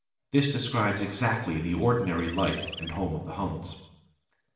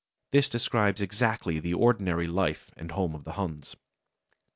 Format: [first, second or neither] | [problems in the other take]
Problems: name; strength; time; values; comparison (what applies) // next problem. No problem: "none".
second | background sound (Chirp, tweet); 13 dB below the speech // room echo; dies away in 0.8 s